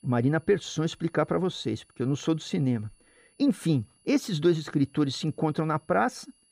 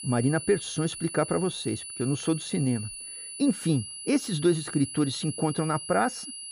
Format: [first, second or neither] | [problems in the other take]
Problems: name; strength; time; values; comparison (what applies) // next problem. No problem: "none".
first | high-pitched whine; loud; throughout; 10 kHz, 9 dB below the speech; faint in the first